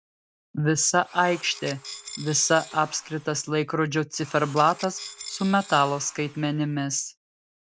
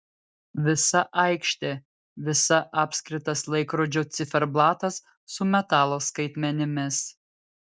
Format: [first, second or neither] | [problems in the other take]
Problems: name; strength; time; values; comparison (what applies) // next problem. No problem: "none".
second | background sound (Tools); 17 dB below the speech